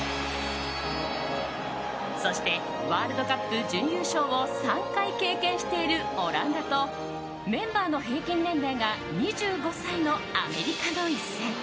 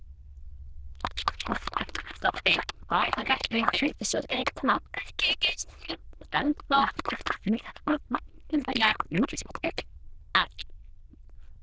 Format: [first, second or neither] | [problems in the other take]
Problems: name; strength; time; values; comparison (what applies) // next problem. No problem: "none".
first | noise reduction (neural diffusion model UNIVERSE++)